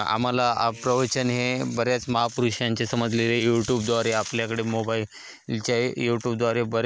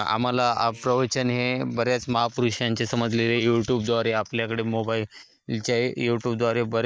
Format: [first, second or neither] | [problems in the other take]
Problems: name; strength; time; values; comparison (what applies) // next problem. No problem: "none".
first | noise reduction (neural mask model DeepFilterNet 3)